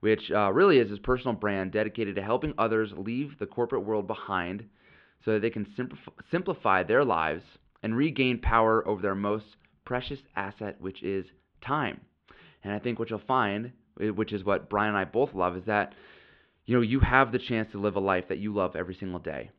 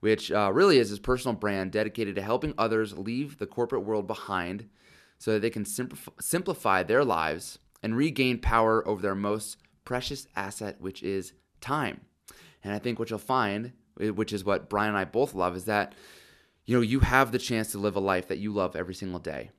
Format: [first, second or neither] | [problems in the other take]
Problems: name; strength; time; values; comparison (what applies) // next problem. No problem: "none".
second | muffled; very; fading above 3.5 kHz